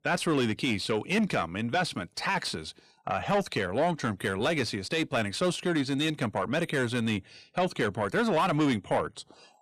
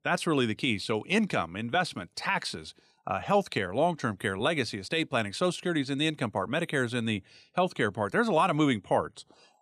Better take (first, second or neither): second